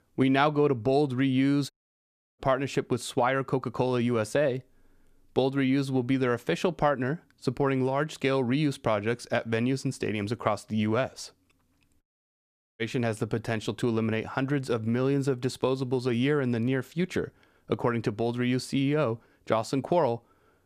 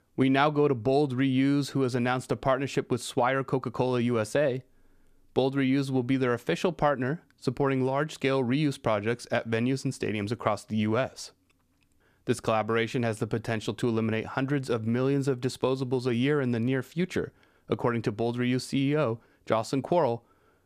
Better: second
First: audio cutting out; at 1.5 s for 0.5 s and at 12 s for 1 s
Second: none

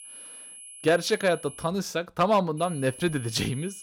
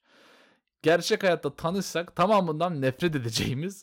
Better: second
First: high-pitched whine; noticeable; until 1.5 s and from 2.5 s on; 10.5 kHz, 15 dB below the speech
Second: none

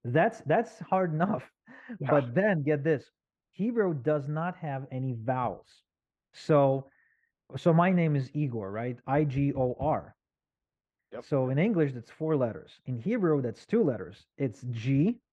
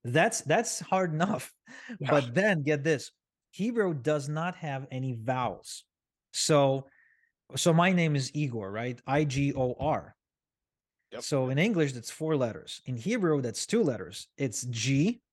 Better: second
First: muffled; very; fading above 3.5 kHz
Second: none

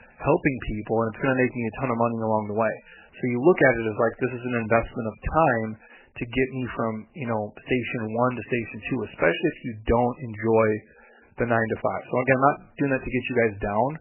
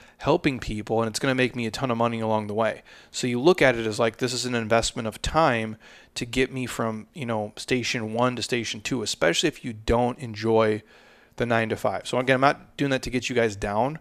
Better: second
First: garbled, watery; badly; nothing above 3 kHz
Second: none

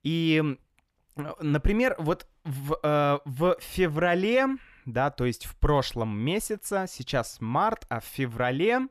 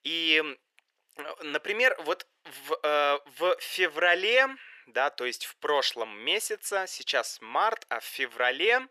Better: first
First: none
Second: thin; very; fading below 450 Hz

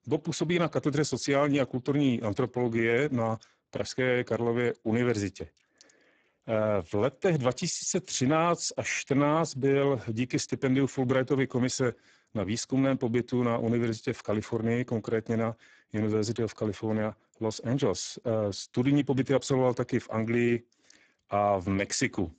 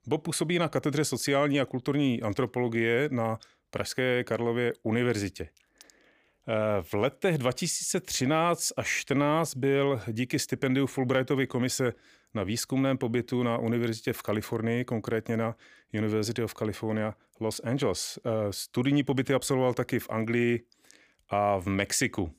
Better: second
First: garbled, watery; badly; nothing above 7.5 kHz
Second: none

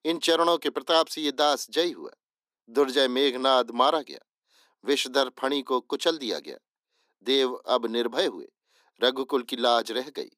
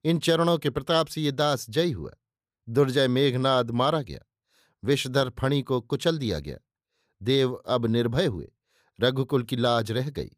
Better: second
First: thin; somewhat; fading below 250 Hz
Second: none

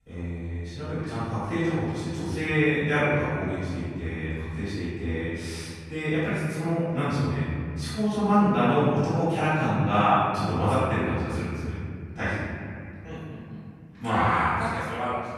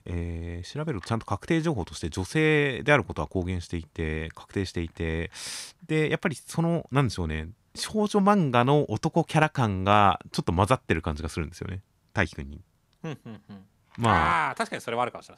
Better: second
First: room echo; strong; dies away in 2.3 s // off-mic speech; far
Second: none

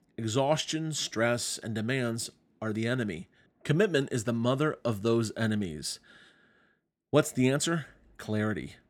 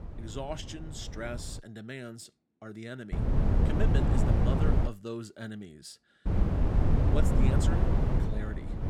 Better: first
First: none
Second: wind noise on the microphone; heavy; until 1.5 s, from 3 to 5 s and from 6.5 s on; 4 dB above the speech

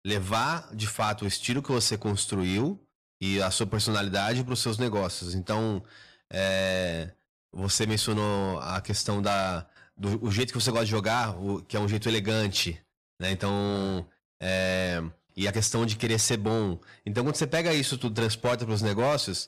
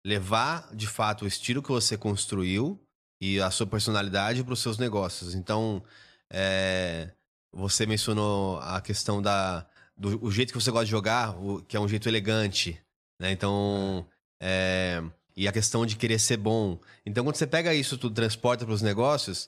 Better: second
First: distortion; slight; 7% of the sound clipped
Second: none

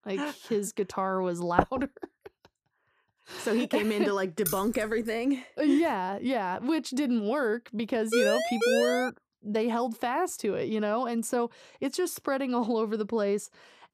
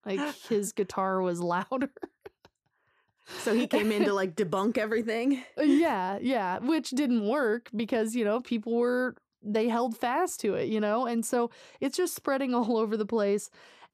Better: second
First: door banging; loud; at 1.5 s; peak 1 dB above the speech // jangling keys; noticeable; at 4.5 s; peak 4 dB below the speech // siren; loud; at 8 s; peak 3 dB above the speech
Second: none

